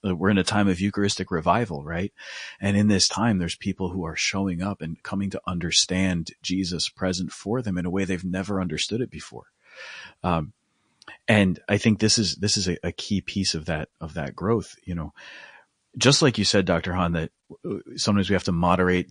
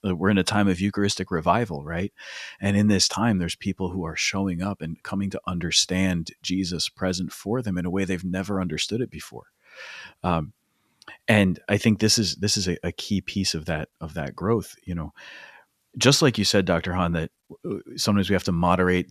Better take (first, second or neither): second